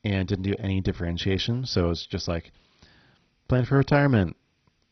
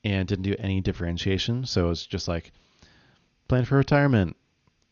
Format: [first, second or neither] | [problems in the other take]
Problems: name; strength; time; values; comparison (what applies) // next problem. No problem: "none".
second | garbled, watery; badly; nothing above 6 kHz; slightly in the second